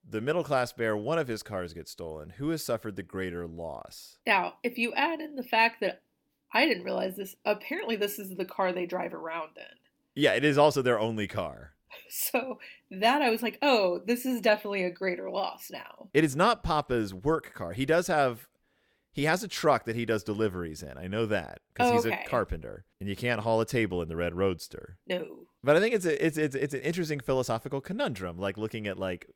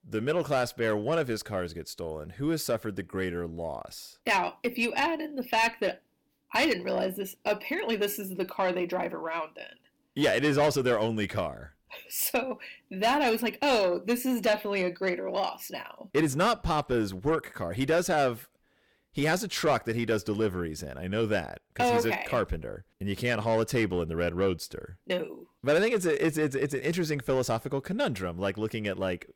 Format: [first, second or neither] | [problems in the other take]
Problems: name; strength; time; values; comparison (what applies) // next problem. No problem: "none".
first | distortion; slight; 10 dB below the speech